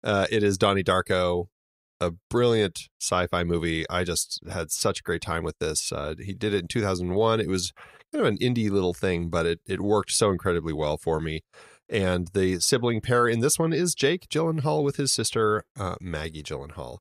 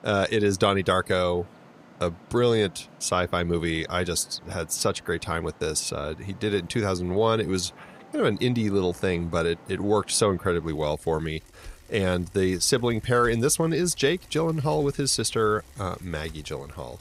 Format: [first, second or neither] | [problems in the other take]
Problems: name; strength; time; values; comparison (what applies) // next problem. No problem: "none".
first | traffic noise; faint; throughout; 25 dB below the speech